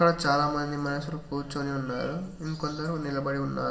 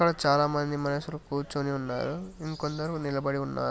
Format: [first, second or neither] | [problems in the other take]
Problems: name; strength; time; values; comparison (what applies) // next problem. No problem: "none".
second | room echo; dies away in 1.9 s